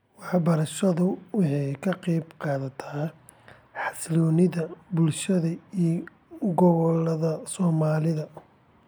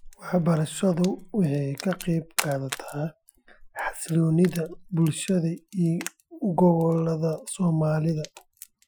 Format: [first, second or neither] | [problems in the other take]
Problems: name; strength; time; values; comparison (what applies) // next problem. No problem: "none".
first | noise reduction (classical method Wiener filter)